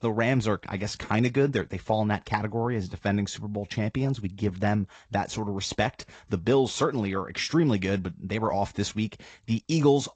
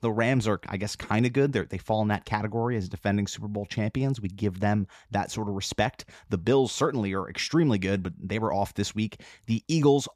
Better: second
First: garbled, watery; slightly; nothing above 7.5 kHz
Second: none

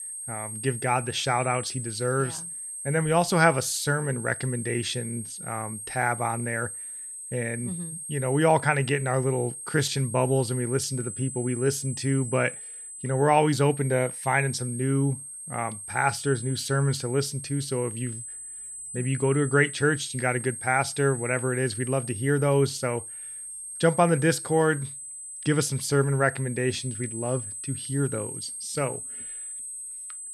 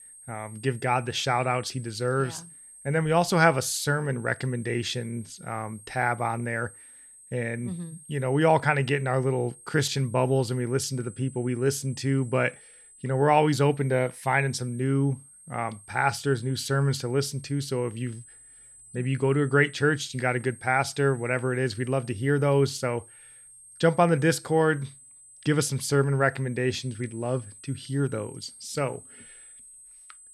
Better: second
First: high-pitched whine; loud; throughout; 8.5 kHz, 9 dB below the speech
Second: high-pitched whine; faint; throughout; 8.5 kHz, 20 dB below the speech

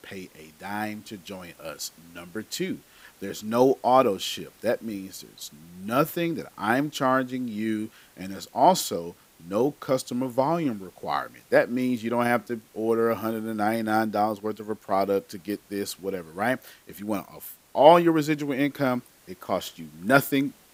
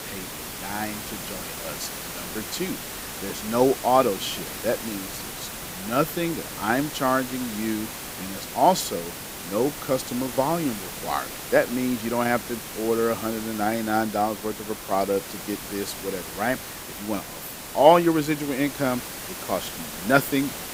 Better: first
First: hiss; faint; throughout; 30 dB below the speech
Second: hiss; loud; throughout; 8 dB below the speech

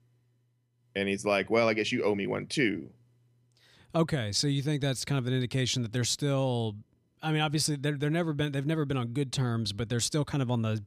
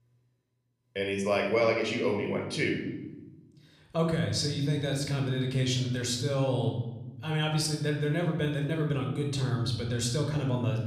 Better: first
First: none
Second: room echo; noticeable; dies away in 0.9 s

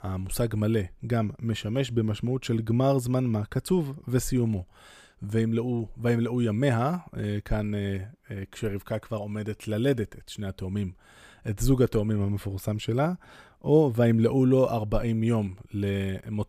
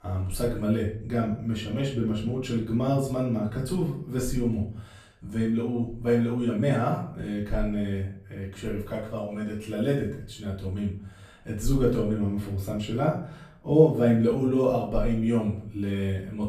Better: first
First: none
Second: off-mic speech; far // room echo; slight; dies away in 0.4 s

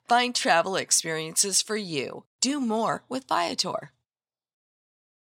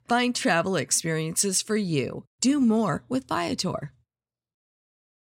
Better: second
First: thin; somewhat; fading below 500 Hz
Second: none

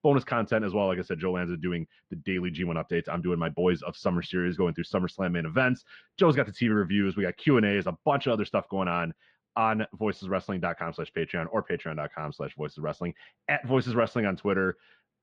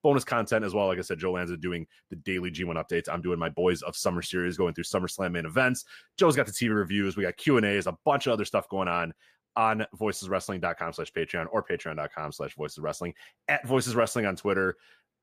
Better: second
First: muffled; slightly; fading above 4 kHz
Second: none

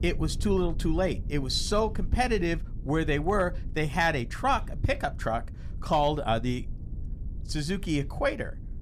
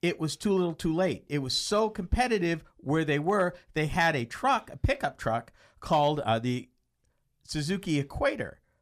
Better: second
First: low rumble; faint; throughout; 25 dB below the speech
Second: none

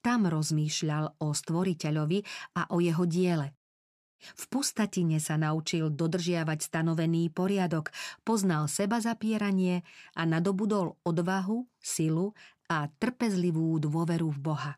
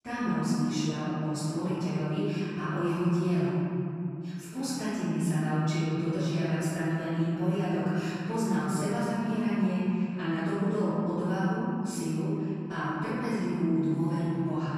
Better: first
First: none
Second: off-mic speech; far // room echo; strong; dies away in 3 s

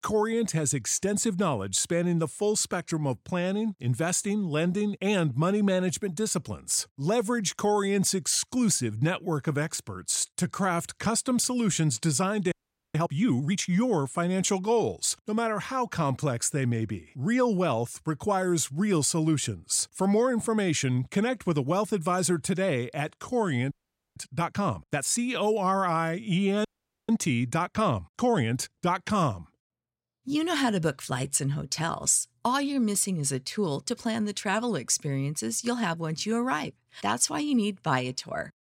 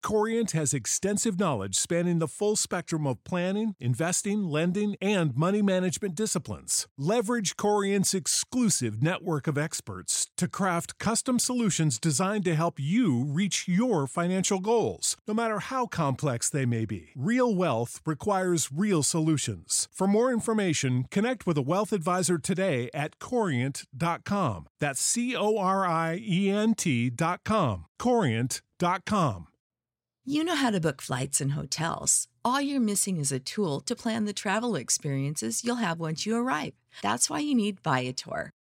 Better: second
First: audio freezing; at 13 s, at 24 s and at 27 s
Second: none

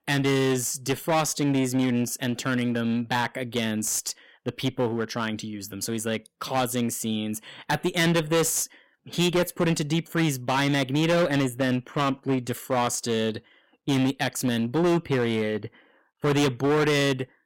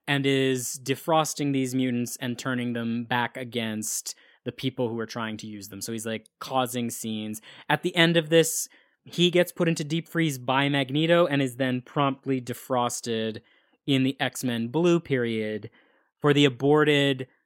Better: second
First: distortion; heavy; 13% of the sound clipped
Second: none

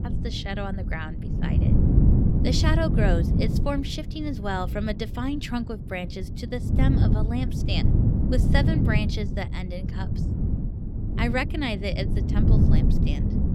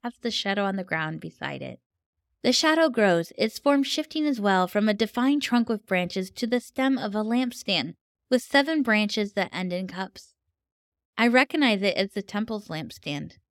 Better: second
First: wind noise on the microphone; heavy; 4 dB below the speech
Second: none

